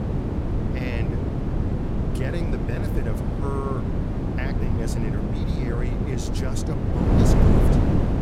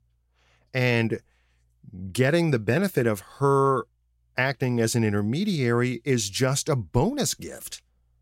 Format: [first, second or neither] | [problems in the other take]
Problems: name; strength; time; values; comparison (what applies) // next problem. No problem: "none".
second | wind noise on the microphone; heavy; 4 dB above the speech